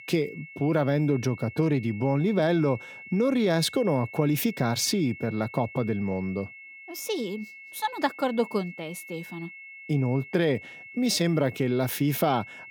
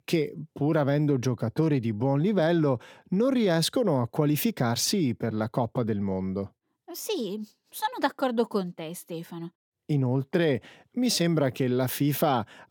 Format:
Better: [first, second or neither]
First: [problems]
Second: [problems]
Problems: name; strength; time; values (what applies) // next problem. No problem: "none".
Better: second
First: high-pitched whine; noticeable; throughout; 2 kHz, 15 dB below the speech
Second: none